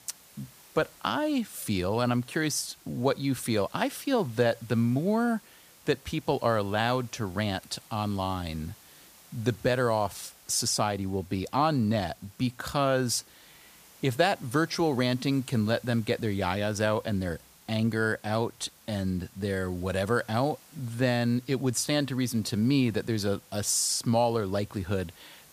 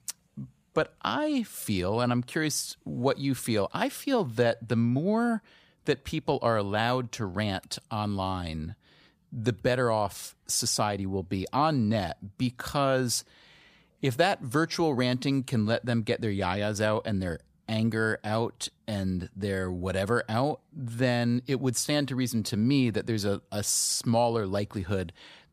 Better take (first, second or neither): second